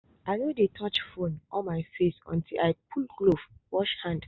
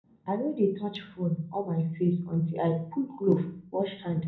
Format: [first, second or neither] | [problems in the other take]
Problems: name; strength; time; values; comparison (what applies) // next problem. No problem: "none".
first | room echo; dies away in 0.6 s